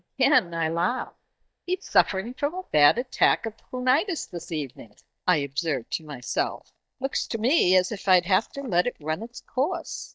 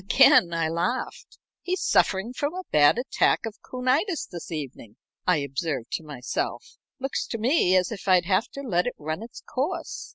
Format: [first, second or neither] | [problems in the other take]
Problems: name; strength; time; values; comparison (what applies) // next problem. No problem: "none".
second | noise reduction (neural mask model DeepFilterNet 3)